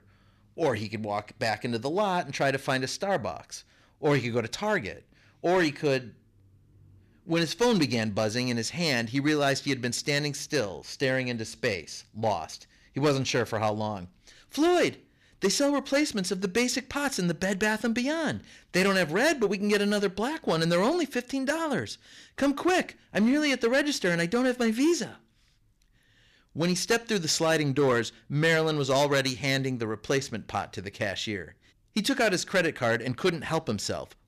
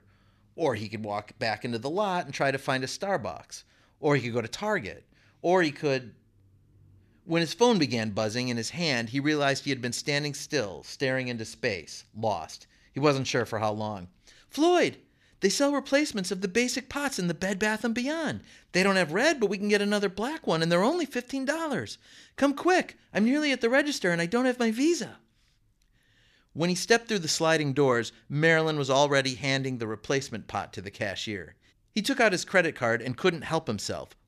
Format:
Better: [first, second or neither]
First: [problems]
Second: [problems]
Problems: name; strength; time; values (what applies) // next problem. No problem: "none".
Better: second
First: distortion; slight; 4% of the sound clipped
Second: none